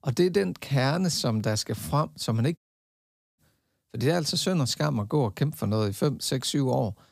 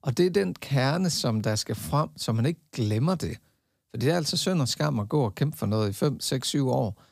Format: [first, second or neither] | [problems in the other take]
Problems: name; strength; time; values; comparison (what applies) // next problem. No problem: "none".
second | audio cutting out; at 2.5 s for 1 s